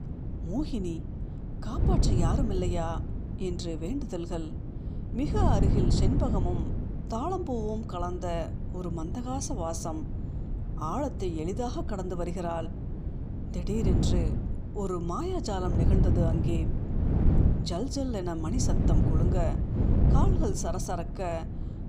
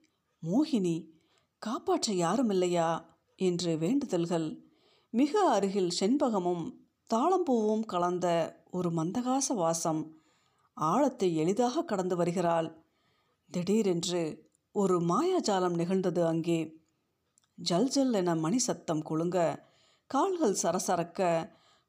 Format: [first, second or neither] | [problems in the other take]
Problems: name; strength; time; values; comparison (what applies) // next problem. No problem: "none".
second | wind noise on the microphone; heavy; 5 dB below the speech